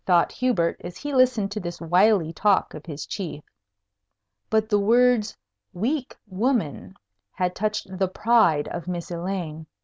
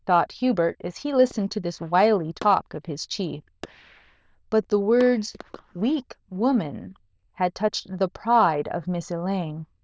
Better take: first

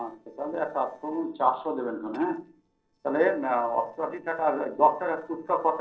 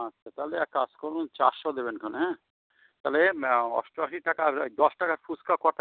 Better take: second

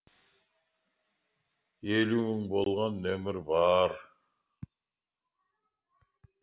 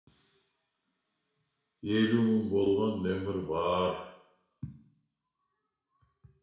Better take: first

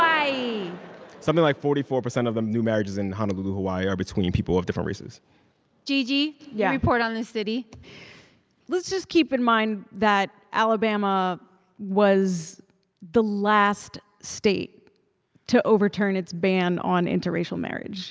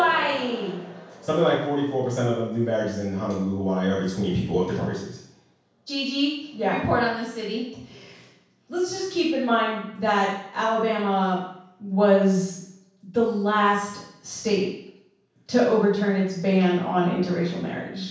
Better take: first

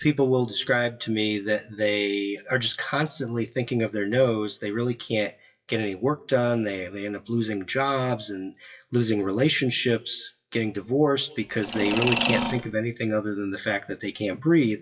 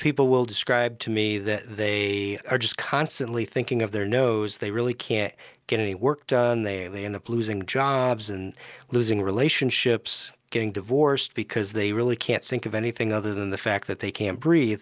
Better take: second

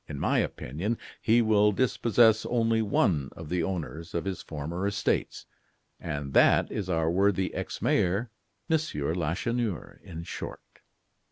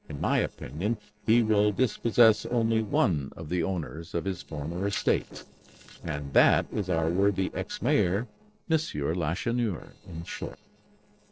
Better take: first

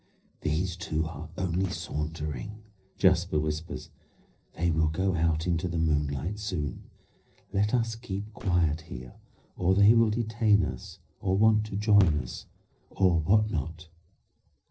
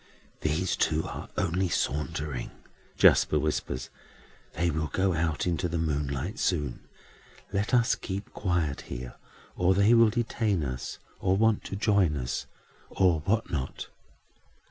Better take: second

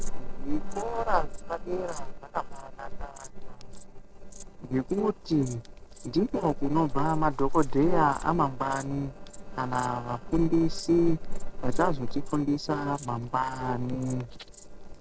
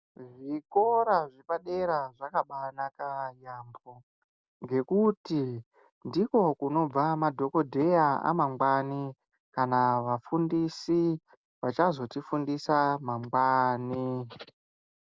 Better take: second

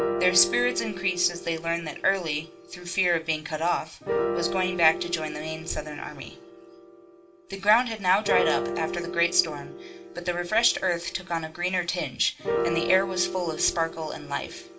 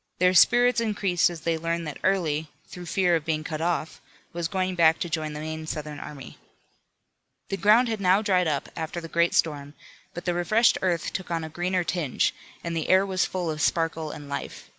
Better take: second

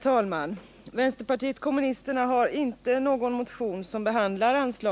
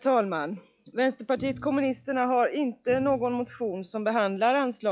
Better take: first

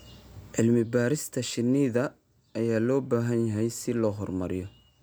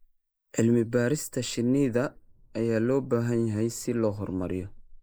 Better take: first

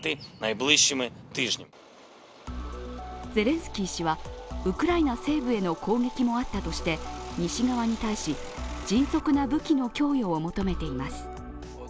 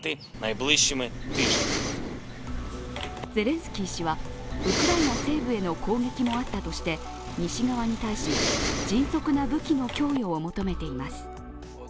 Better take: first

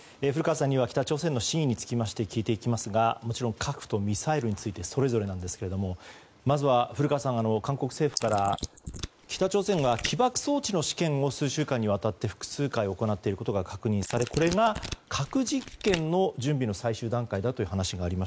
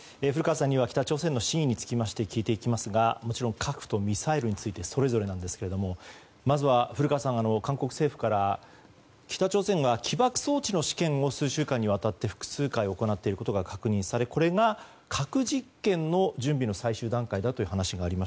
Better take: second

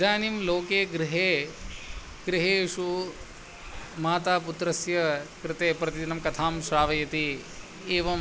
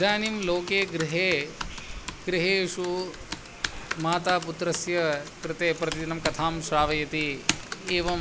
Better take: first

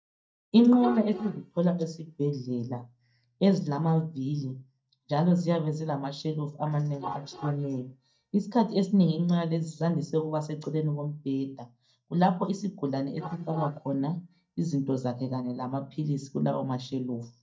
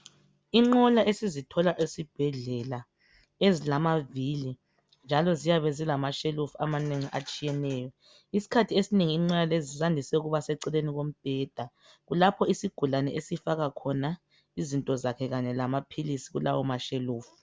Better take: second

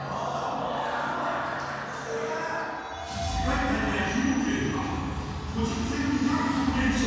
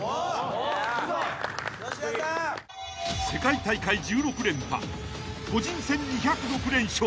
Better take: second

